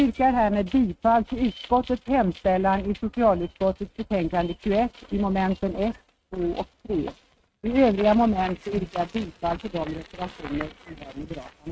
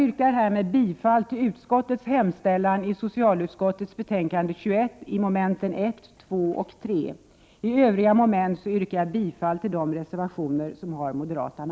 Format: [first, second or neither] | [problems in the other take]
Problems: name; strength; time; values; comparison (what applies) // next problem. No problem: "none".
second | noise reduction (neural mask model RNNoise)